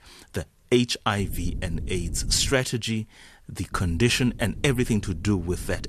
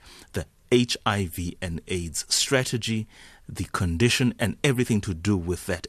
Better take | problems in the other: second | low rumble; faint; from 1 to 2.5 s and from 3.5 s on; 25 dB below the speech

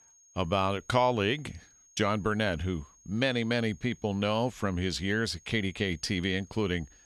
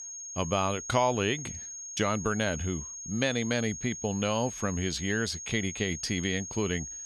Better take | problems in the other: first | high-pitched whine; loud; throughout; 6.5 kHz, 8 dB below the speech; faint in the first

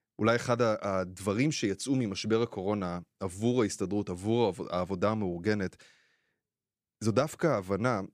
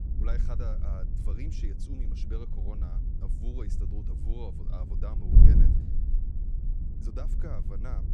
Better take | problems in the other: first | wind noise on the microphone; heavy; 1 dB above the speech

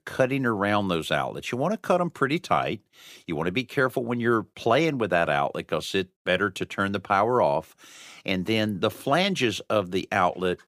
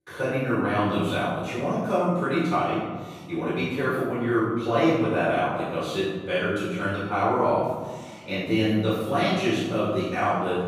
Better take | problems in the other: first | off-mic speech; far // room echo; strong; dies away in 1.5 s

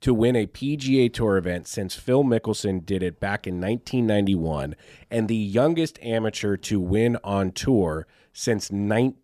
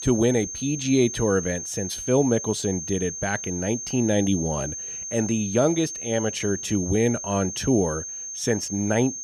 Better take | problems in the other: first | high-pitched whine; loud; throughout; 6.5 kHz, 6 dB below the speech

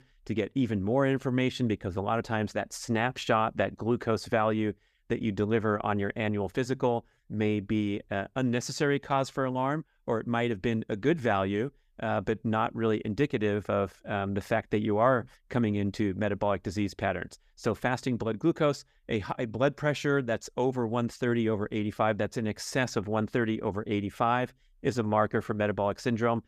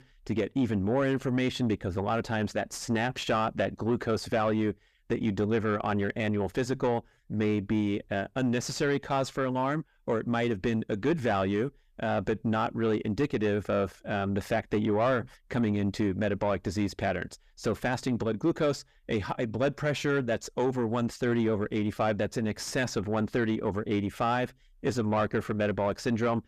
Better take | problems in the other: first | distortion; slight; 10 dB below the speech

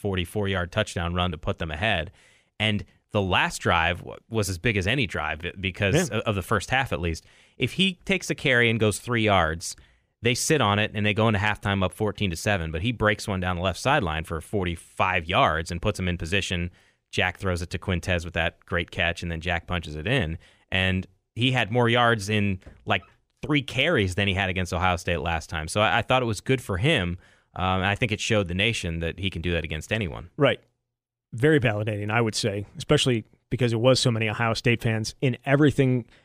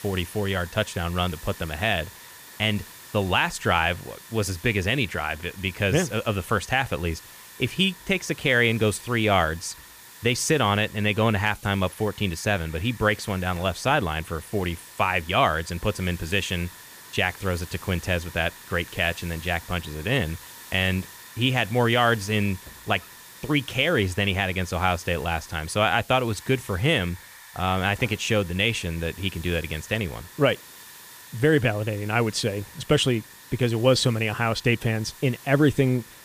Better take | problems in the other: first | hiss; noticeable; throughout; 20 dB below the speech

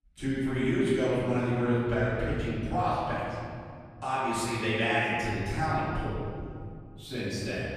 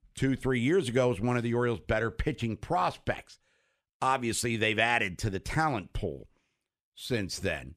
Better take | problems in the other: second | room echo; strong; dies away in 2.3 s // off-mic speech; far

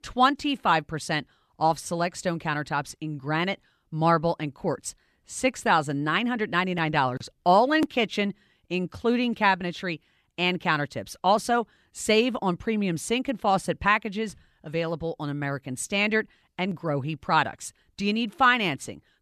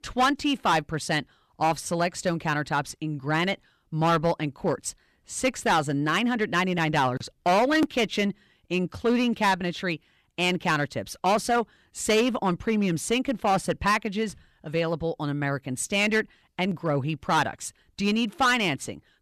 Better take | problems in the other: first | distortion; slight; 5% of the sound clipped

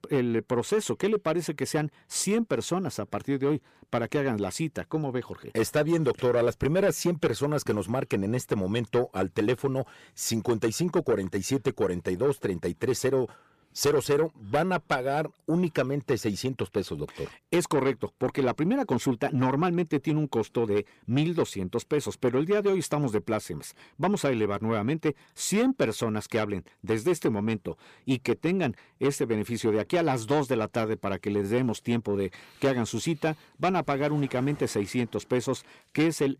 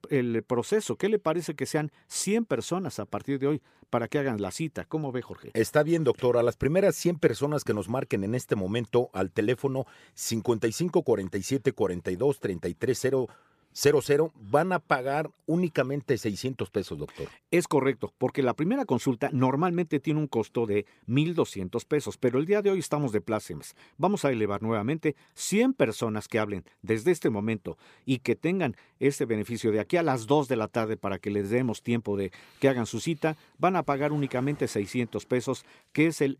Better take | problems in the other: second | distortion; slight; 10 dB below the speech

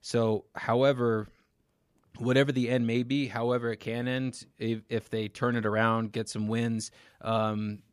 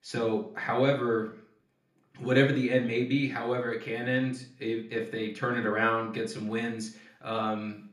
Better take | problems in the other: first | room echo; slight; dies away in 0.4 s // off-mic speech; somewhat distant

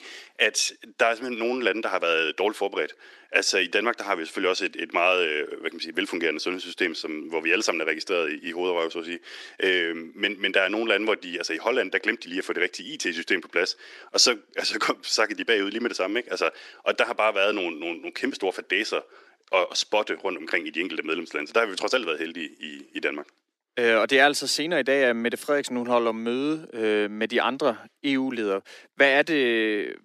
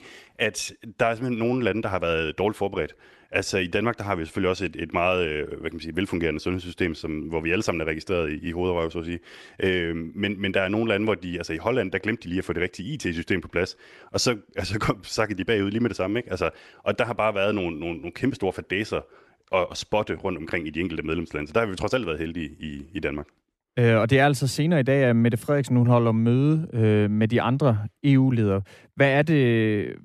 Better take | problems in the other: second | thin; somewhat; fading below 300 Hz

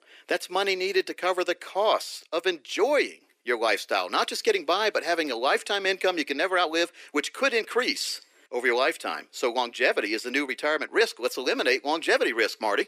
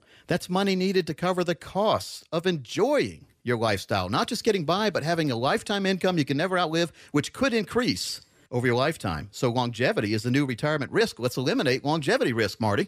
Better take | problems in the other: second | thin; somewhat; fading below 300 Hz

